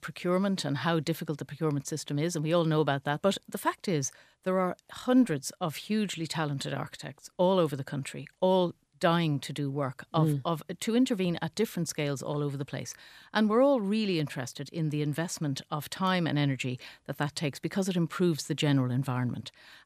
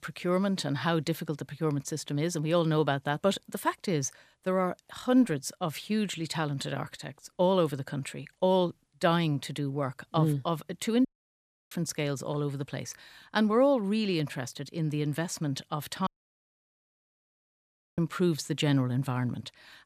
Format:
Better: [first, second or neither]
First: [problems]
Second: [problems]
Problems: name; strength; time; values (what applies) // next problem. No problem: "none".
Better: first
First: none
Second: audio cutting out; at 11 s for 0.5 s and at 16 s for 2 s